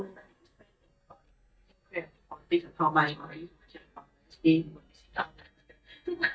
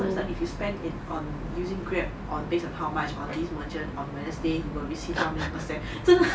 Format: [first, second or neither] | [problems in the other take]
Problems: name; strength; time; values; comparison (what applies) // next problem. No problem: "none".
second | noise reduction (neural mask model DeepFilterNet 3)